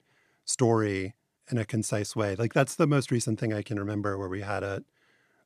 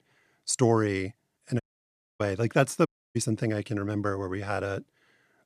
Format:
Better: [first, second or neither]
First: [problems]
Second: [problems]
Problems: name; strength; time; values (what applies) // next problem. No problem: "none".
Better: first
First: none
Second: audio cutting out; at 1.5 s for 0.5 s and at 3 s